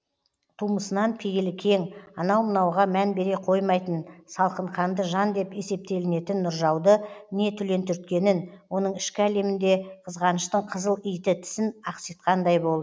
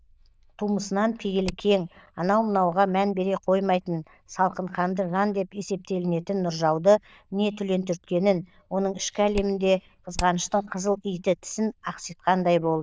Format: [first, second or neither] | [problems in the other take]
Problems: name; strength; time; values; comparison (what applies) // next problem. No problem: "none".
first | noise reduction (neural diffusion model UNIVERSE++)